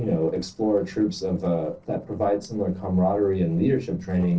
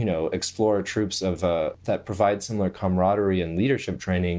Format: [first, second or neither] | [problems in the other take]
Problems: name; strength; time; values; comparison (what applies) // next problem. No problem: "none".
second | noise reduction (neural separator model SepFormer DNS4)